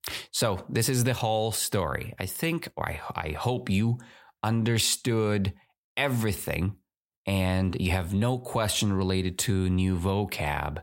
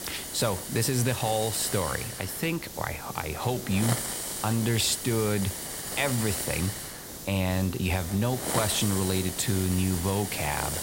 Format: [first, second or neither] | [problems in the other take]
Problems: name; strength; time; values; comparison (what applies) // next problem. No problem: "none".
first | hiss; loud; throughout; 5 dB below the speech